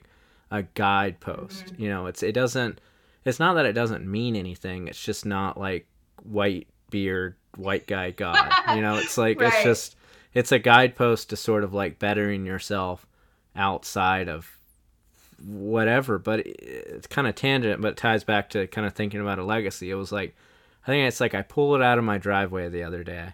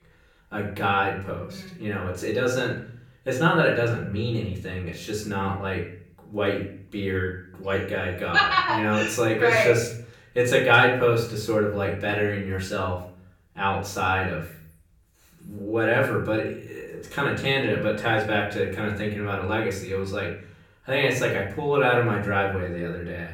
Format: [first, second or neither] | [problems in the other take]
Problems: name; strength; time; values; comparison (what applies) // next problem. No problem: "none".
first | room echo; slight; dies away in 0.5 s // off-mic speech; far